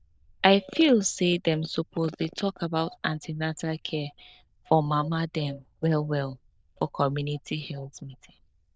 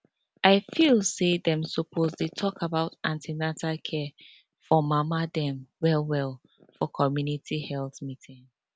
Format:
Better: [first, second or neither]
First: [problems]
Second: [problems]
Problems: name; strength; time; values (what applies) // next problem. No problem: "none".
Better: second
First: noise reduction (neural diffusion model UNIVERSE++)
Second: none